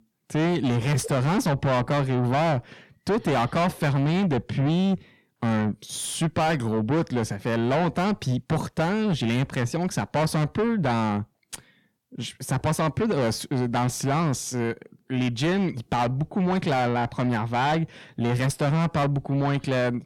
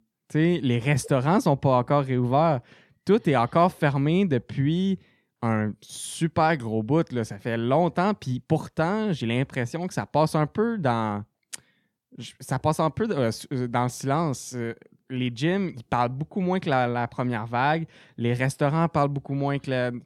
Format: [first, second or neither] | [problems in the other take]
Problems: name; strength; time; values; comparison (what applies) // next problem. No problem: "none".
second | distortion; heavy; 6 dB below the speech